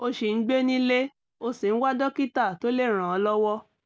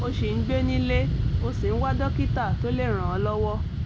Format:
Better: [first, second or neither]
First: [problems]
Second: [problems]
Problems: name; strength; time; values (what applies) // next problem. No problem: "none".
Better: first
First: none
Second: background sound (Fixed-wing aircraft, airplane); 3 dB above the speech